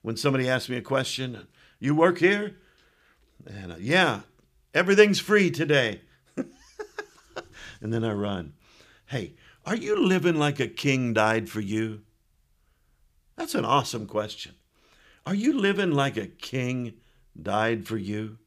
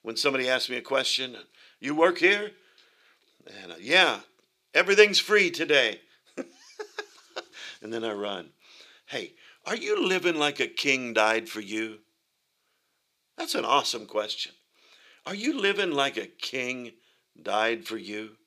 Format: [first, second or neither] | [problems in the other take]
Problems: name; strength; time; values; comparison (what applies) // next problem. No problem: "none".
first | thin; somewhat; fading below 400 Hz